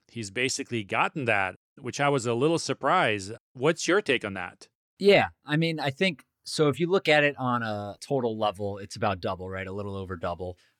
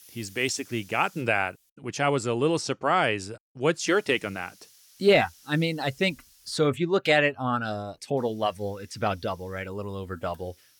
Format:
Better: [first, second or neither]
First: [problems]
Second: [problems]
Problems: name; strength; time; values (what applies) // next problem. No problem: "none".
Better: first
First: none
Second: hiss; faint; until 1.5 s, from 4 to 6.5 s and from 8 s on; 25 dB below the speech